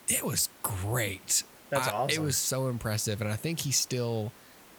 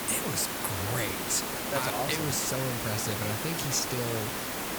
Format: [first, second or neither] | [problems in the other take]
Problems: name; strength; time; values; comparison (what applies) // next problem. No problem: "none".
first | hiss; loud; throughout; 1 dB below the speech; faint in the first